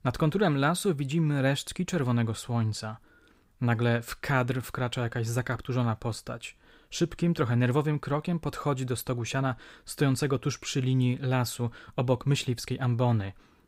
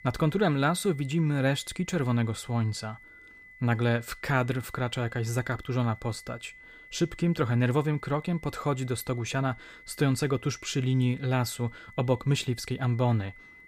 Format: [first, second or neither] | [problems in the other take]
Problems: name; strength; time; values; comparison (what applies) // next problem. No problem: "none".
first | high-pitched whine; faint; throughout; 2 kHz, 20 dB below the speech